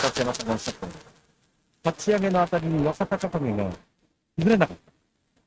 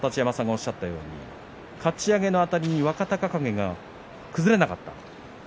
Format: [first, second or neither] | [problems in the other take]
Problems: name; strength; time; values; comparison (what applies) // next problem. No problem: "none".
second | noise reduction (neural mask model RNNoise)